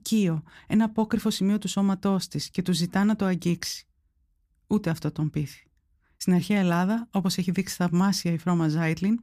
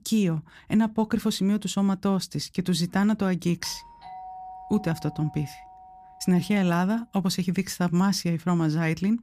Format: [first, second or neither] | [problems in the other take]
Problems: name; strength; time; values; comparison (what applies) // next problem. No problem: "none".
first | doorbell; faint; from 3.5 to 7 s; peak 15 dB below the speech